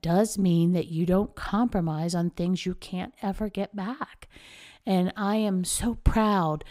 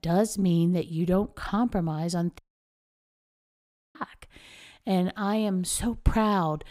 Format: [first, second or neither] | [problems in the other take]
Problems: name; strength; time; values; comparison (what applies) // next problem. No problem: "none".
first | audio cutting out; at 2.5 s for 1.5 s